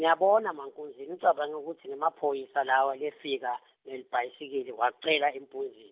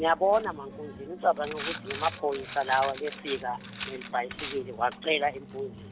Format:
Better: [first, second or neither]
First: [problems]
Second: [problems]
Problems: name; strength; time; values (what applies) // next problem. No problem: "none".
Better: first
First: none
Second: background sound (Coin (dropping)); 11 dB below the speech